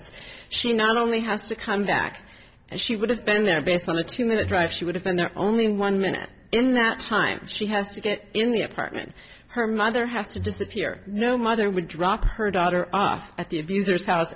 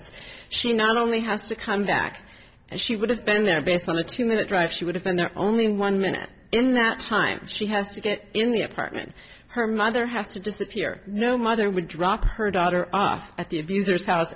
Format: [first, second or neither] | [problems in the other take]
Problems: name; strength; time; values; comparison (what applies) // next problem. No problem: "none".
second | background sound (Bowed string instrument); 19 dB below the speech